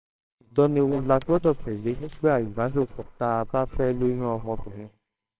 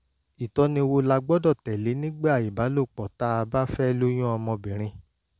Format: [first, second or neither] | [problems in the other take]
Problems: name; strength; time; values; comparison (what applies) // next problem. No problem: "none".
second | noise reduction (neural separator model SepFormer WHAMR!)